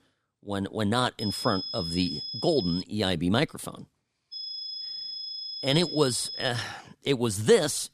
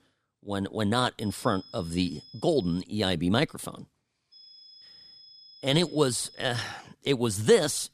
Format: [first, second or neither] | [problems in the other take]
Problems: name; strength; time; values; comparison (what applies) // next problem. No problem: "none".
second | high-pitched whine; loud; from 1 to 3 s and from 4.5 to 6.5 s; 5 kHz, 6 dB below the speech; faint in the second